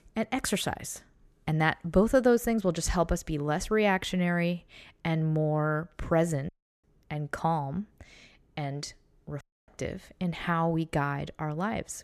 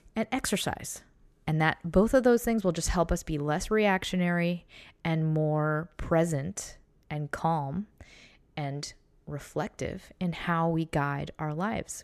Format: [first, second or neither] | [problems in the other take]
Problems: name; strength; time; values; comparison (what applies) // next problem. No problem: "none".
second | audio cutting out; at 6.5 s and at 9.5 s